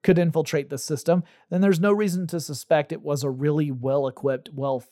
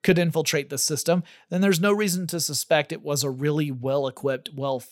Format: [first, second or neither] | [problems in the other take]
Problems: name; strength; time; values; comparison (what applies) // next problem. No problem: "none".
second | muffled; slightly; fading above 1.5 kHz